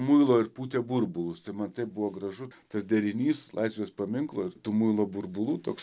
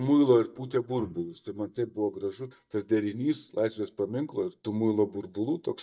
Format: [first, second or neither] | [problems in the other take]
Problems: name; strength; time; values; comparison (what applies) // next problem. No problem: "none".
first | noise reduction (neural mask model DeepFilterNet 3)